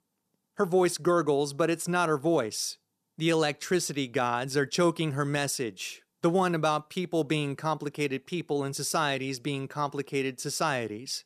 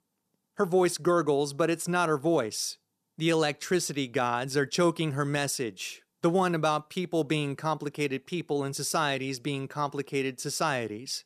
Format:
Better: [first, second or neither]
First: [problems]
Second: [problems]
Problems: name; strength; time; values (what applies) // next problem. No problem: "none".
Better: neither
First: none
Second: none